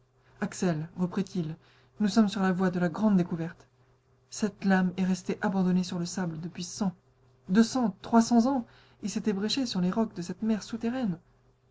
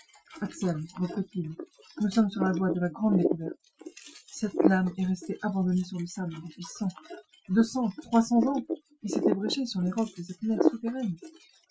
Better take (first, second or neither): first